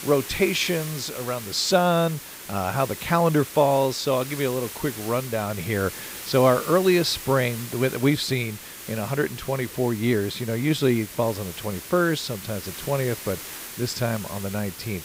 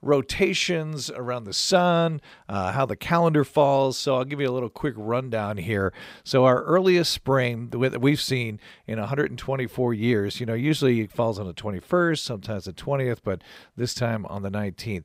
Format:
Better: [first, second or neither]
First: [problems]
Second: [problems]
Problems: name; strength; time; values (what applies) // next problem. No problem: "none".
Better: second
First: hiss; noticeable; throughout; 10 dB below the speech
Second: none